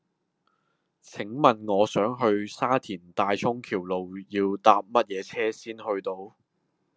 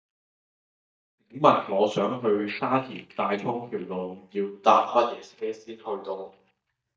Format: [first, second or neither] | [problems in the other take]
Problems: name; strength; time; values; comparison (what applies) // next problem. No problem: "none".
first | noise reduction (neural mask model DeepFilterNet 3)